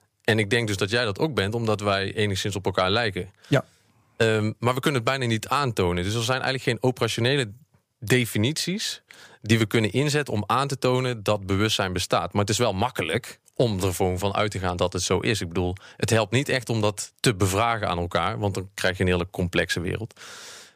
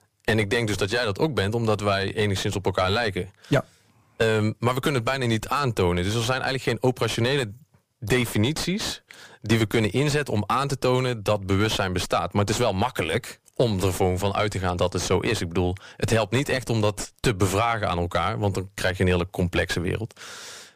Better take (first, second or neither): first